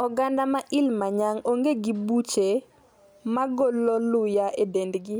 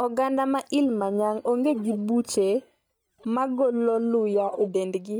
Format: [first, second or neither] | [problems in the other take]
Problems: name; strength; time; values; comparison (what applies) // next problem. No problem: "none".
first | noise reduction (neural mask model DeepFilterNet 3)